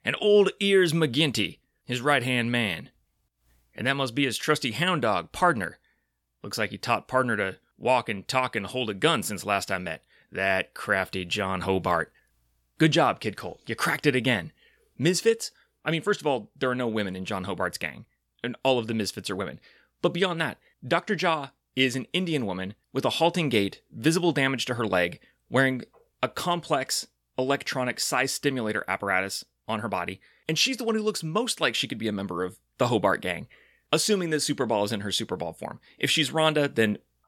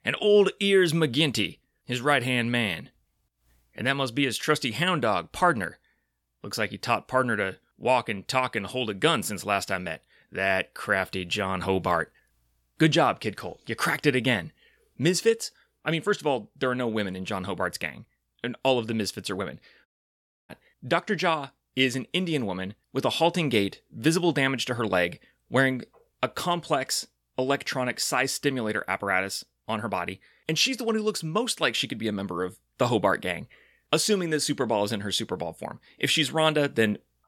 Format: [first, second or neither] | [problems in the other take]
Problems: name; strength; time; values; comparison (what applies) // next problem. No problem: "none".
first | audio cutting out; at 20 s for 0.5 s